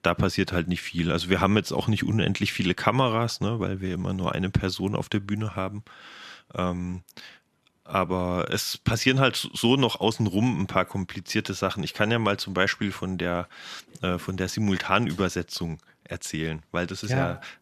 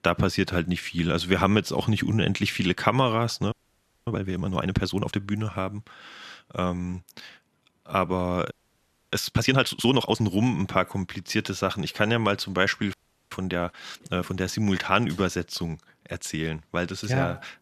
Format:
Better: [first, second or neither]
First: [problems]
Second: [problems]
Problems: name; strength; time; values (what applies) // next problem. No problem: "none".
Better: first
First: none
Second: audio freezing; at 3.5 s for 0.5 s, at 8.5 s for 0.5 s and at 13 s